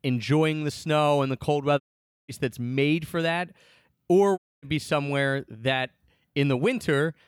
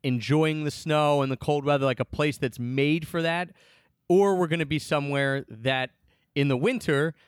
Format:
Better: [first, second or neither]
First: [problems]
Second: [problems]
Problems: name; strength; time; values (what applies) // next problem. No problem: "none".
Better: second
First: audio cutting out; at 2 s and at 4.5 s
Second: none